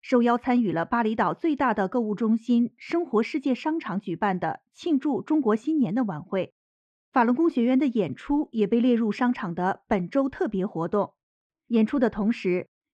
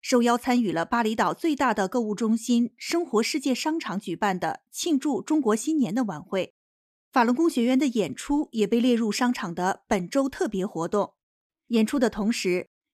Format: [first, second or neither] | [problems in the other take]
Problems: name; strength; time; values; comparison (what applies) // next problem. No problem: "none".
second | muffled; very; fading above 2.5 kHz